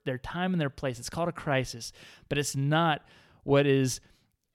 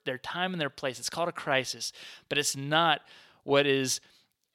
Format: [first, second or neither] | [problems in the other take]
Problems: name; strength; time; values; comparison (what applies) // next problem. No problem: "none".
first | thin; somewhat; fading below 1 kHz